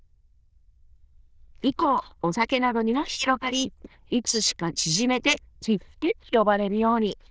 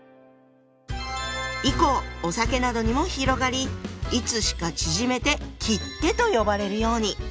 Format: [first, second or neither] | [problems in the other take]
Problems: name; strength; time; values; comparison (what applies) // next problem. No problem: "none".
second | noise reduction (neural diffusion model UNIVERSE++)